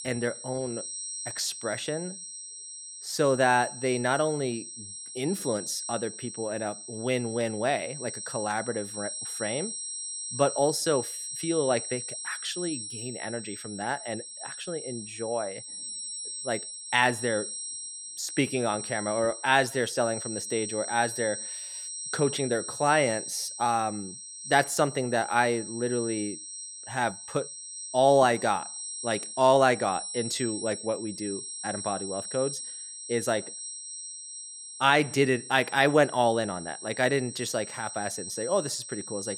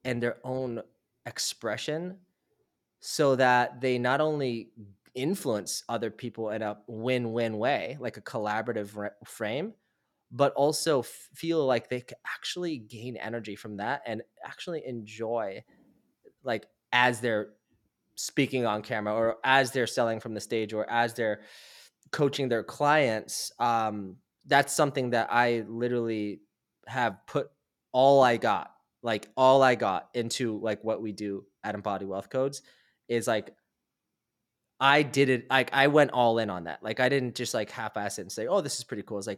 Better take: second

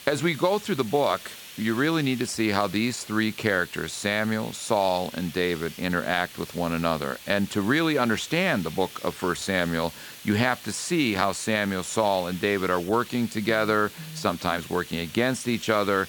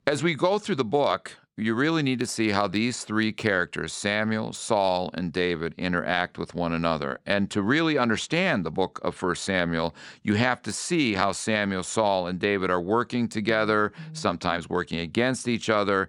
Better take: second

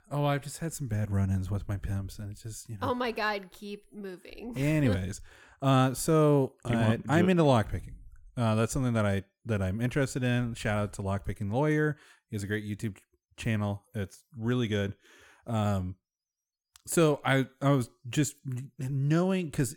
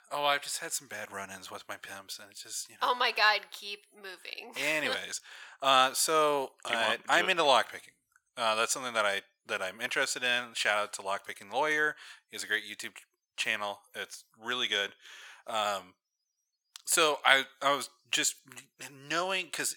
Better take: first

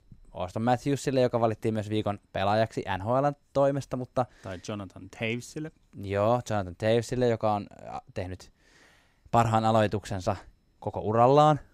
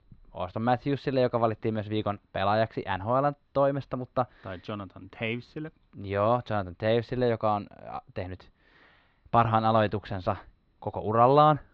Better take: first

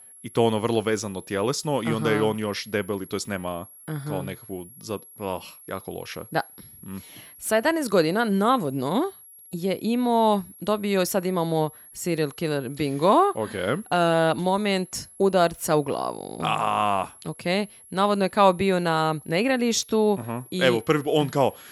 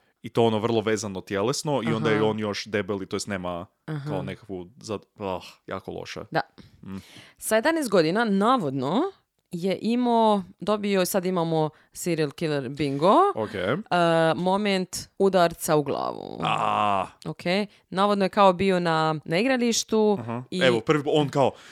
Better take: second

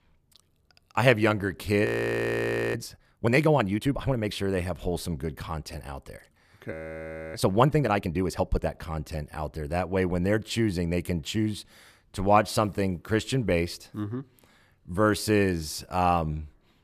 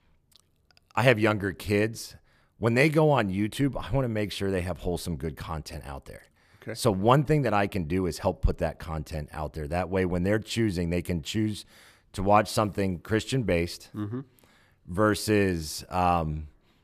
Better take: second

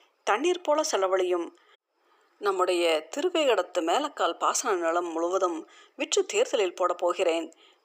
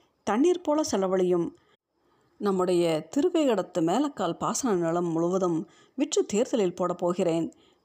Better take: second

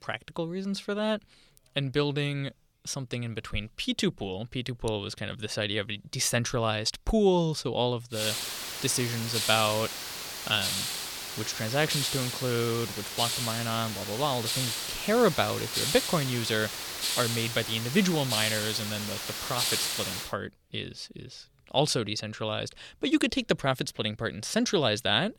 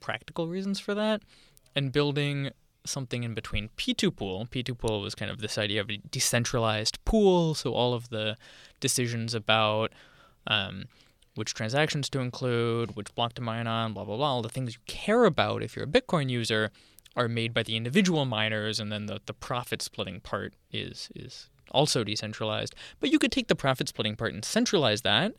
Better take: second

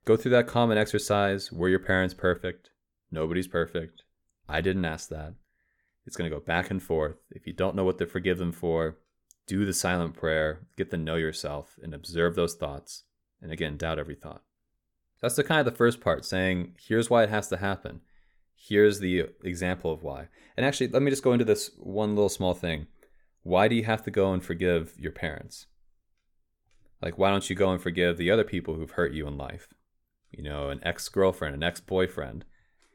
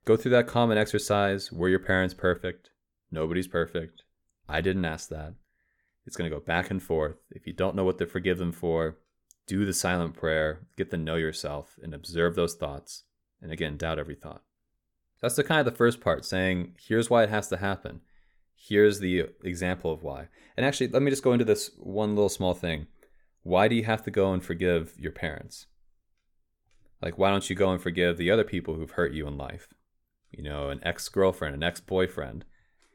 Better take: neither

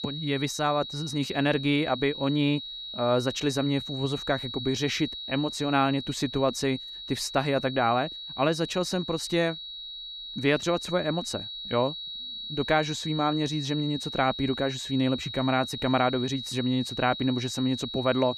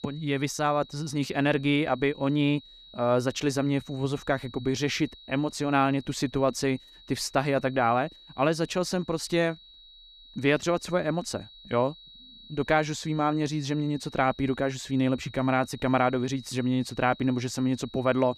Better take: second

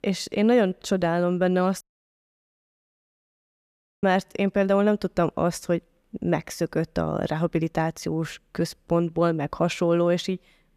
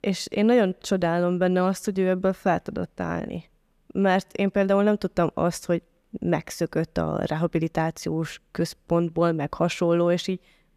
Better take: second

